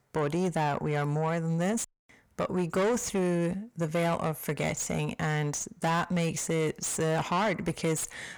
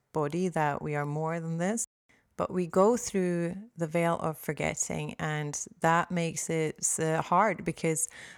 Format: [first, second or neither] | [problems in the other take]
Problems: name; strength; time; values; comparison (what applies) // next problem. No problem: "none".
second | distortion; heavy; 7 dB below the speech